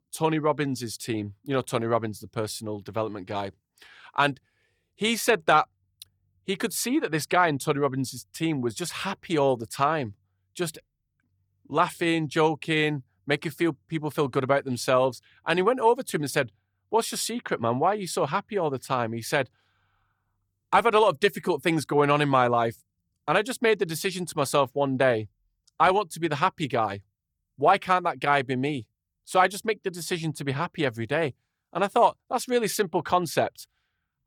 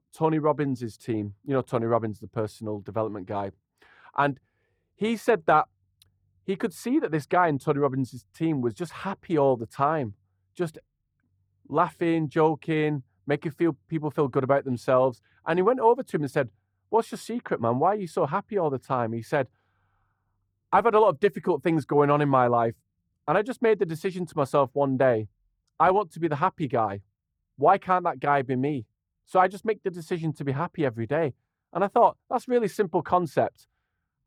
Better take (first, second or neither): first